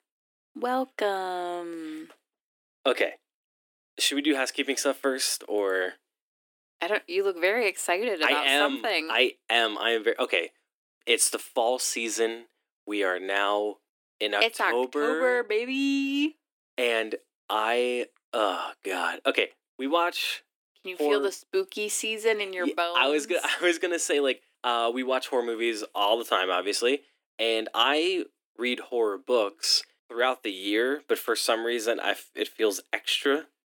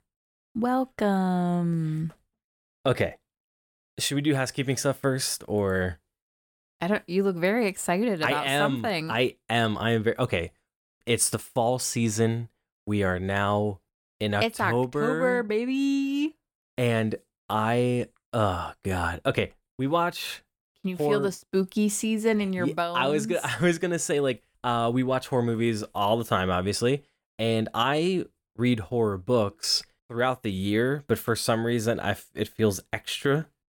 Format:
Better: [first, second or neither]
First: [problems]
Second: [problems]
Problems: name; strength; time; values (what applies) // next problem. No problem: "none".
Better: second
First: thin; somewhat; fading below 300 Hz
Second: none